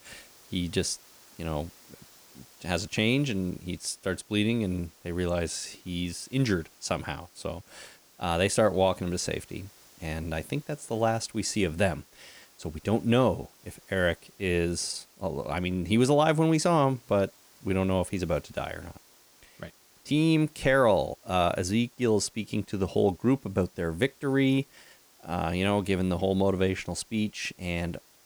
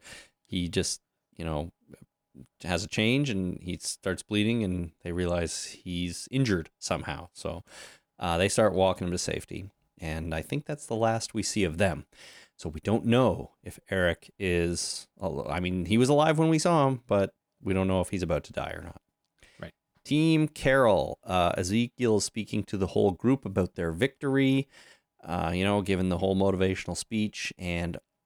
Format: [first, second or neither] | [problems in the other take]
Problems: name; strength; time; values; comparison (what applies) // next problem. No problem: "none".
second | hiss; faint; throughout; 25 dB below the speech